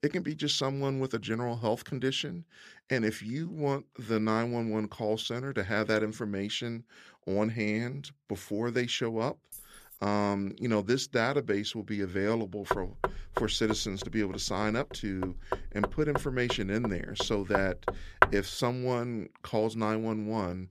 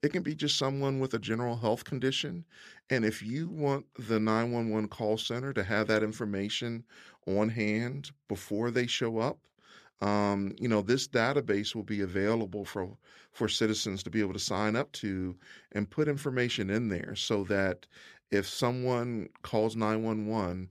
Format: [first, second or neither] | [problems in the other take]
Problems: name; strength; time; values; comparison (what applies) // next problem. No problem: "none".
second | jangling keys; faint; at 9.5 s; peak 15 dB below the speech // door banging; loud; from 13 to 18 s; peak 6 dB above the speech